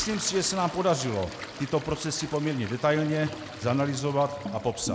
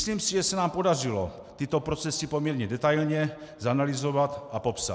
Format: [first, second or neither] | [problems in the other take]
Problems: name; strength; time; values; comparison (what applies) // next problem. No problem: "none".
second | background sound (Toilet flush); 12 dB below the speech